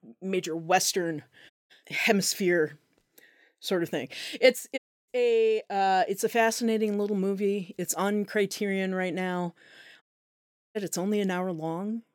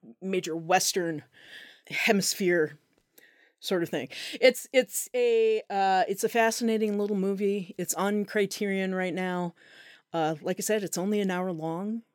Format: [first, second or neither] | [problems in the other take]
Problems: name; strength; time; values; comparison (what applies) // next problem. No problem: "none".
second | audio cutting out; at 1.5 s, at 5 s and at 10 s for 0.5 s